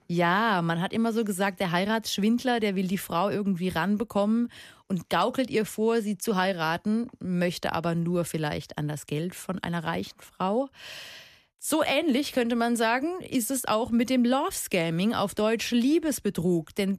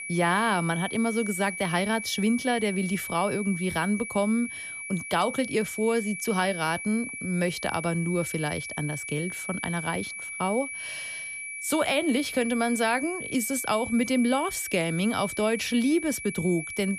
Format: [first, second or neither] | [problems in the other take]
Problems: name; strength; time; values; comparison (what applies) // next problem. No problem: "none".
first | high-pitched whine; loud; throughout; 2.5 kHz, 7 dB below the speech